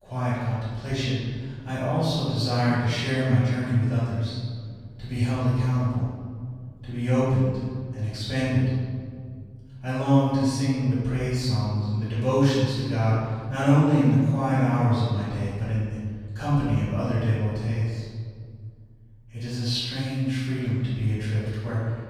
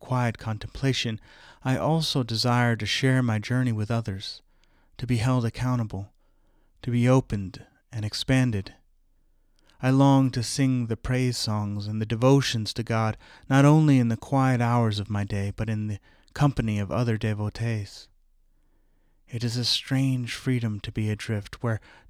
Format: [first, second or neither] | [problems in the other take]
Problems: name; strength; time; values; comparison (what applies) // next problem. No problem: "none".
second | off-mic speech; far // room echo; strong; dies away in 2.1 s